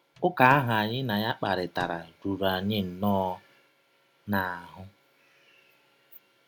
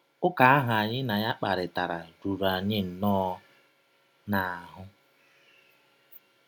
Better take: second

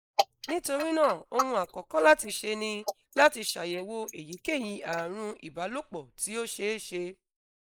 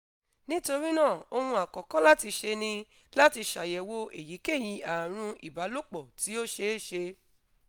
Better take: second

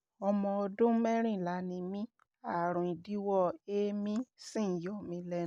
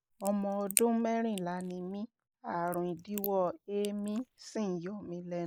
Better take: first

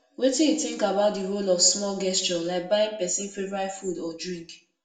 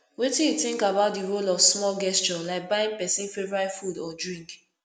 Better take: second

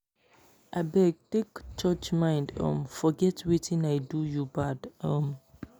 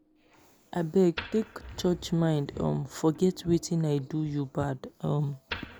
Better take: first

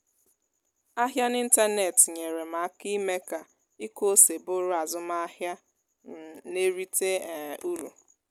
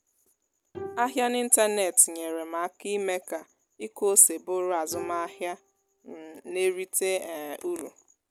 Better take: first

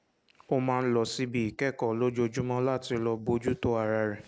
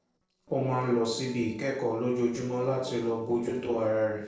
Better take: first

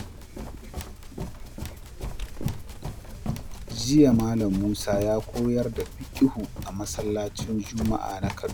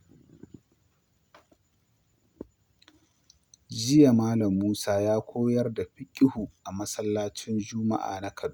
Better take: second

